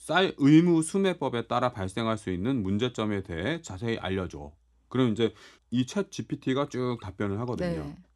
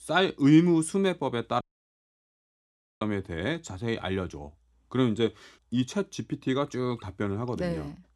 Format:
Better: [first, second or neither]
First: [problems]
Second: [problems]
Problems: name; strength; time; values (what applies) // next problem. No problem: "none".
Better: first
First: none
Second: audio cutting out; at 1.5 s for 1.5 s